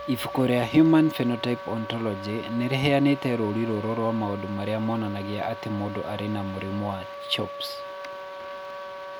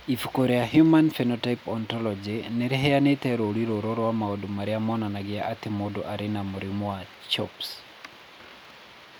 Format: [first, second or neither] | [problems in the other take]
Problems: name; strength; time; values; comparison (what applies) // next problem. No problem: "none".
second | background sound (Wind instrument, woodwind instrument); 12 dB below the speech